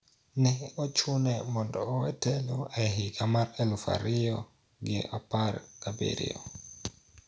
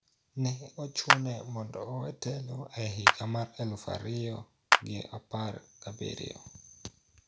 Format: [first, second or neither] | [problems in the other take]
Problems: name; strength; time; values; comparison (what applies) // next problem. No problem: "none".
first | background sound (Clapping); 5 dB above the speech